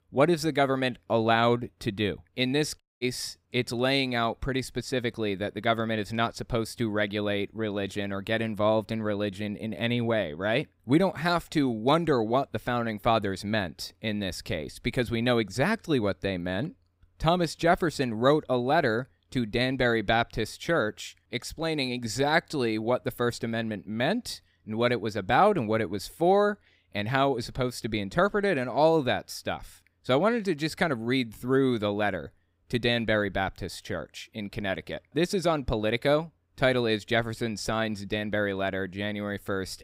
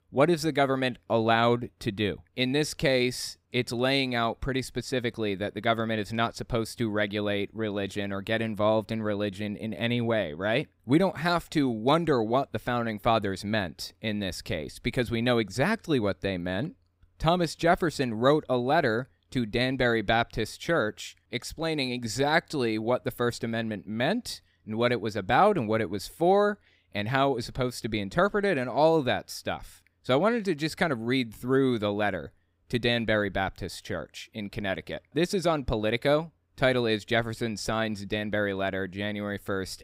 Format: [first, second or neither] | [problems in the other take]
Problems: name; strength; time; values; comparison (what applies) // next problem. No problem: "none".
second | audio cutting out; at 3 s